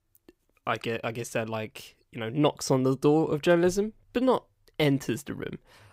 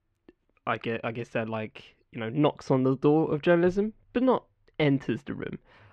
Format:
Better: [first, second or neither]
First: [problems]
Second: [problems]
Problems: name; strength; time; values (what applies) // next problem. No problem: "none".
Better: first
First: none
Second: muffled; slightly; fading above 2.5 kHz